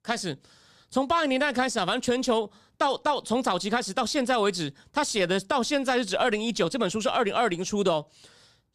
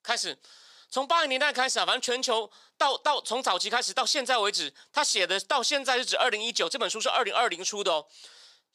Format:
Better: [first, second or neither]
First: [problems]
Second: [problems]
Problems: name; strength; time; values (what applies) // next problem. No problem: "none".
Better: first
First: none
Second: thin; somewhat; fading below 550 Hz